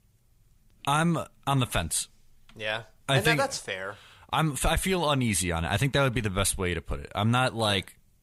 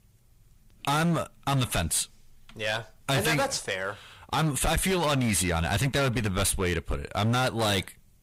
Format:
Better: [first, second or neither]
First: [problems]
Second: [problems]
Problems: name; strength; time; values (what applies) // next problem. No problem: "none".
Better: first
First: none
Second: distortion; heavy; 15% of the sound clipped